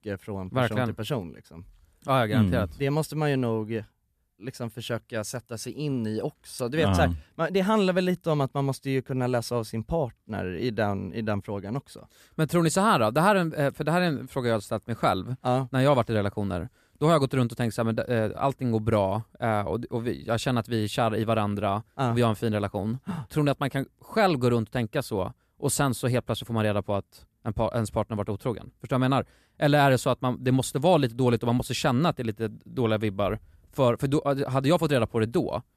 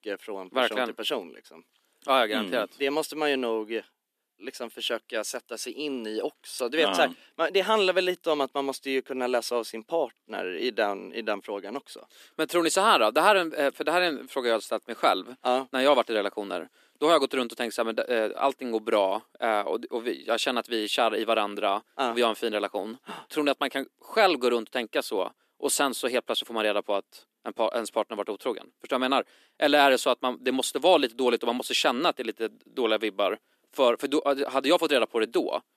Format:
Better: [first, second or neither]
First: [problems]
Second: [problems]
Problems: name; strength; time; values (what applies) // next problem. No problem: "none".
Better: first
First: none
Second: thin; somewhat; fading below 300 Hz